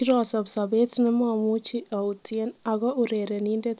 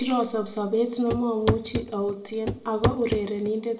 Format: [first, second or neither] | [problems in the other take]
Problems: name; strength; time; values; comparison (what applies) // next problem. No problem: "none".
first | background sound (Walk, footsteps / Run / Wood); 4 dB below the speech // room echo; dies away in 0.5 s